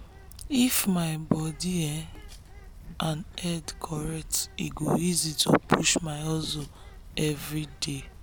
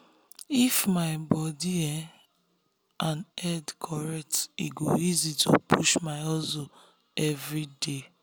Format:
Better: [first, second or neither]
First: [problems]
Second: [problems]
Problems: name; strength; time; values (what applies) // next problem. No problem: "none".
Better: second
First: background sound (Bird); 16 dB below the speech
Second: none